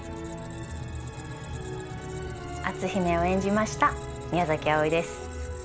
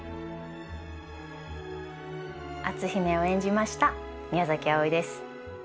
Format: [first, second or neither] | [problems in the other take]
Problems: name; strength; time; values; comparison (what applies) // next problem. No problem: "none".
second | background sound (Squeak); 10 dB below the speech